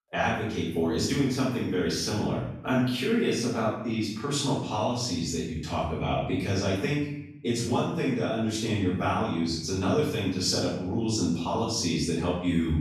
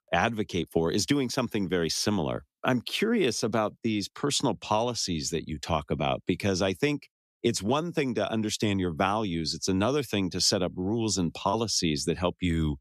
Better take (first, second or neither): second